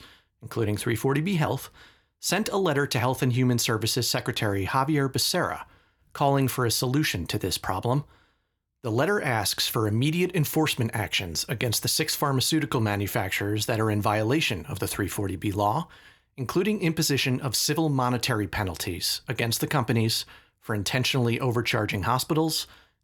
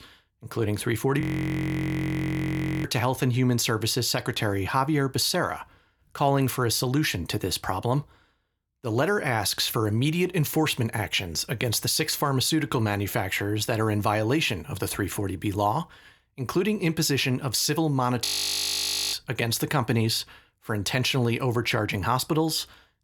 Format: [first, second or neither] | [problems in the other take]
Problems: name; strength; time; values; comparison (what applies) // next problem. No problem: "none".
first | audio freezing; at 1 s for 1.5 s and at 18 s for 1 s